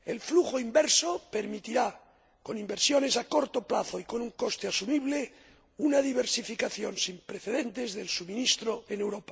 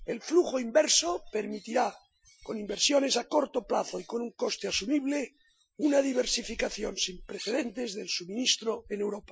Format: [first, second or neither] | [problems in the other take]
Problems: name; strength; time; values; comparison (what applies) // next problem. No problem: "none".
first | noise reduction (classical method Wiener filter)